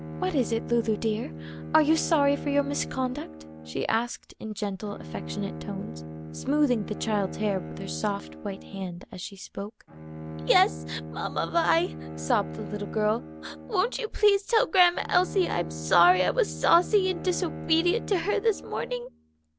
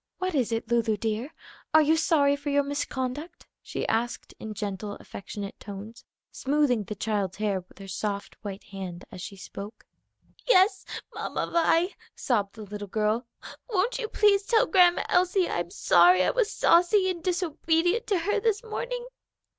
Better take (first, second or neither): second